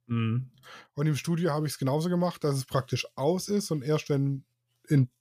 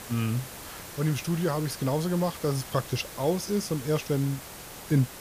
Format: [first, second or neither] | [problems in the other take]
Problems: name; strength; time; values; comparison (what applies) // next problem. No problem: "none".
first | hiss; noticeable; throughout; 10 dB below the speech